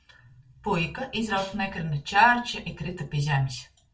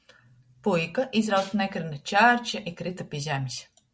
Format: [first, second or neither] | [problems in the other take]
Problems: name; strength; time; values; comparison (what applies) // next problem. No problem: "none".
second | room echo; dies away in 0.2 s